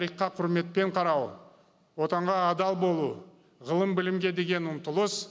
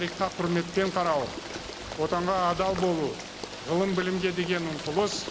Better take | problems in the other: first | background sound (Rain + Water / Liquid); 10 dB below the speech

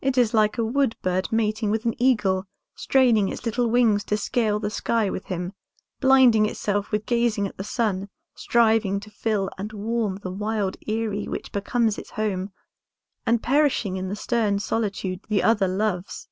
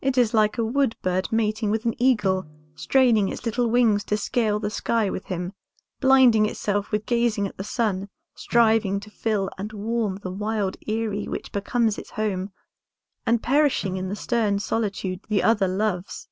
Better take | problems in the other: first | background sound (Snare drum); 20 dB below the speech

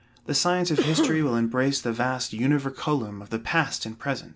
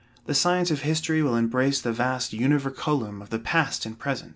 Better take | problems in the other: second | background sound (Cough); 3 dB below the speech

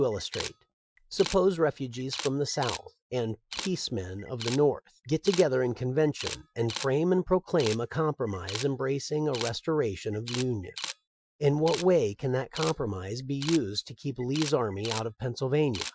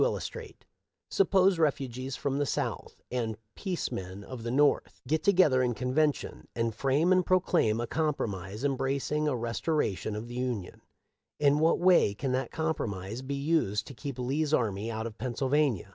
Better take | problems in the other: second | noise reduction (classical method Wiener filter)

